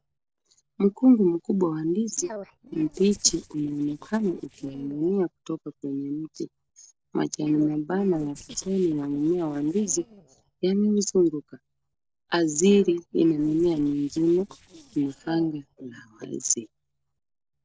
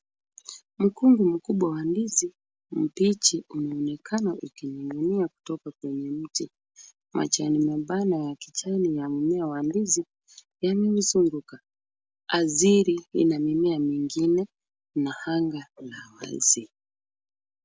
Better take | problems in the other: second | noise reduction (neural separator model SepFormer DNS4)

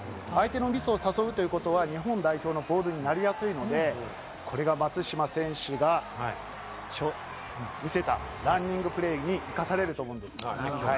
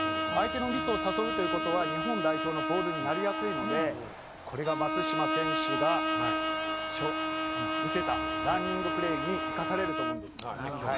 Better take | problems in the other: first | background sound (Bowed string instrument); 1 dB above the speech

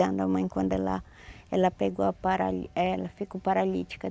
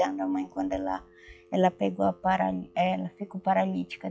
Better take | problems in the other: first | noise reduction (classical method log-MMSE)

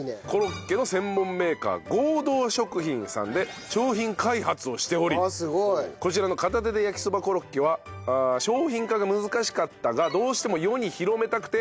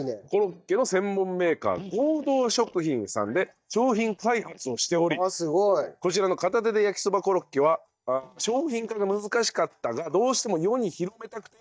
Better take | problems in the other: first | noise reduction (neural mask model DeepFilterNet 3)

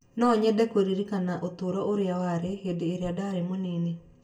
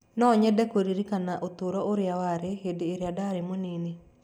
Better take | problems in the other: second | room echo; dies away in 0.2 s

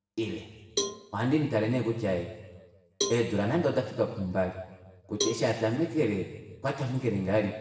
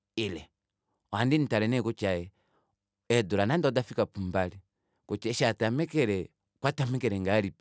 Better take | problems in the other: second | background sound (Cowbell); 10 dB below the speech // room echo; dies away in 1.2 s

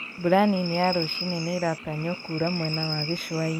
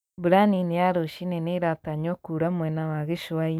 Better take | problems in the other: second | background sound (Chirp, tweet + Frog); 8 dB below the speech

